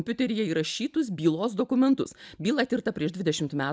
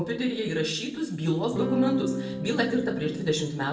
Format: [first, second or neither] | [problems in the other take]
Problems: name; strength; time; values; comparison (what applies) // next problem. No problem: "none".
first | background sound (Electric guitar / Strum); 4 dB below the speech // room echo; dies away in 0.6 s